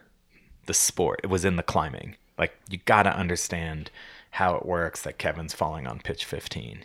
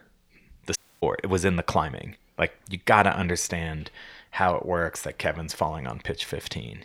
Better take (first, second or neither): first